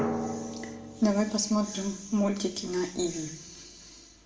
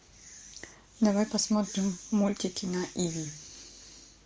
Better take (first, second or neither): second